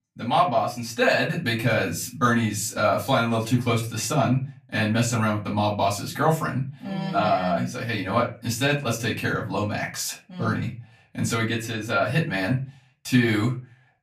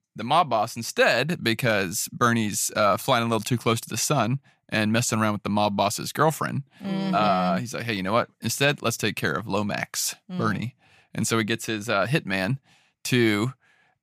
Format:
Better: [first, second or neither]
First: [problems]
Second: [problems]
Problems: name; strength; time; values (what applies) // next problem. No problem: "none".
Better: second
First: off-mic speech; far // room echo; very slight; dies away in 0.3 s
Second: none